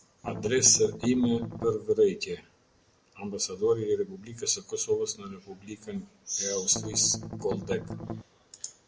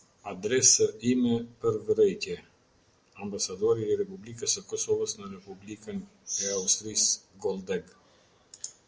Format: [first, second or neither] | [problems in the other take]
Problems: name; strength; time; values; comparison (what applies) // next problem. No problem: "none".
second | background sound (Strum); 8 dB below the speech